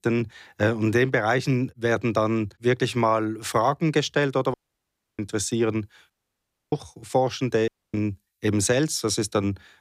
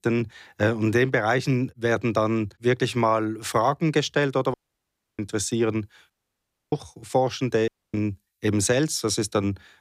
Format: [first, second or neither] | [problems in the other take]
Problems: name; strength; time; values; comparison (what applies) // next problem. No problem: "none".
neither | audio cutting out; at 4.5 s for 0.5 s, at 6 s for 0.5 s and at 7.5 s; the same in both